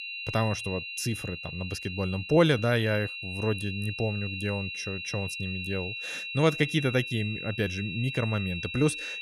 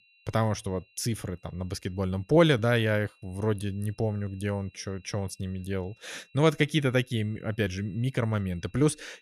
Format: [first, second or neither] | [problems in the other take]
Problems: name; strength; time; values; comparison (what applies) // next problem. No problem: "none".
second | high-pitched whine; loud; throughout; 2.5 kHz, 6 dB below the speech; faint in the second